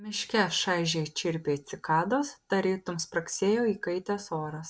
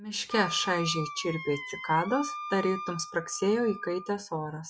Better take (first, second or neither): first